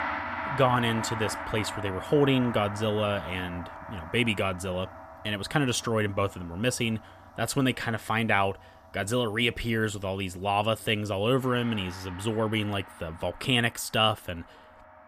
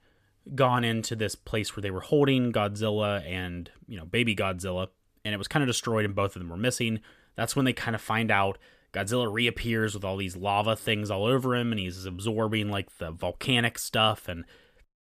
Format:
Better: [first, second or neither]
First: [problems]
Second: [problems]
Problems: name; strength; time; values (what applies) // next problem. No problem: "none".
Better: second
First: background music; noticeable; throughout; 10 dB below the speech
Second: none